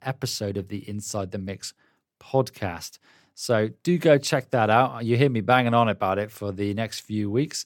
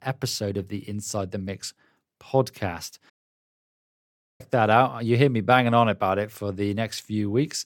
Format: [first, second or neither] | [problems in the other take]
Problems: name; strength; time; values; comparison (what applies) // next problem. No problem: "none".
first | audio cutting out; at 3 s for 1.5 s